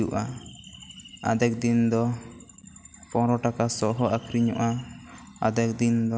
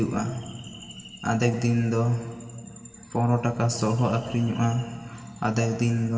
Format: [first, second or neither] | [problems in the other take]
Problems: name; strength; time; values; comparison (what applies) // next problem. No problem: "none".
first | room echo; dies away in 2.6 s